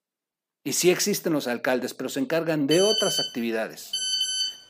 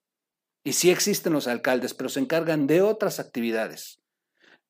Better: second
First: phone ringing; loud; from 2.5 s on; peak 2 dB above the speech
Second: none

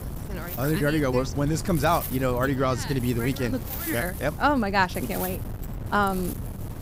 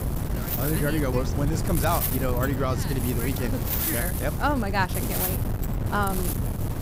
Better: first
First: wind noise on the microphone; occasional gusts; 15 dB below the speech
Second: wind noise on the microphone; heavy; 6 dB below the speech

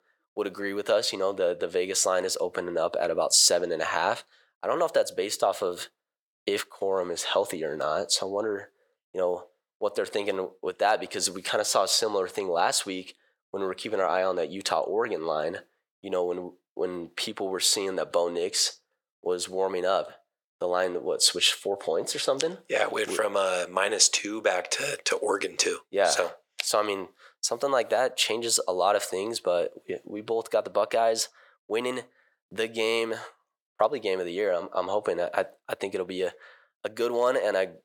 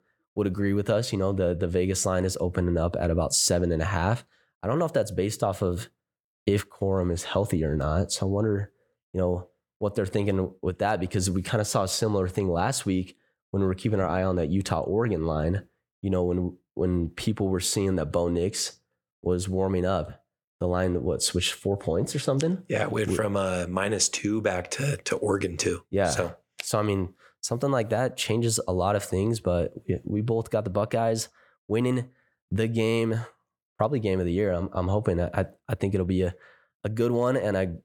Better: second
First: thin; very; fading below 600 Hz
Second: none

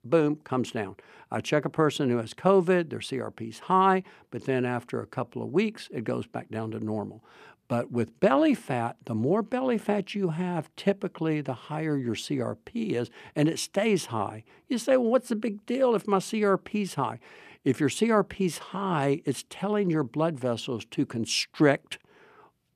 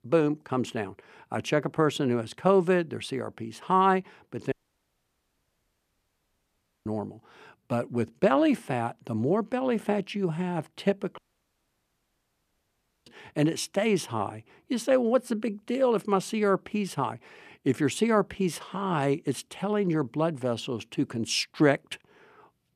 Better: first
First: none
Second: audio cutting out; at 4.5 s for 2.5 s and at 11 s for 2 s

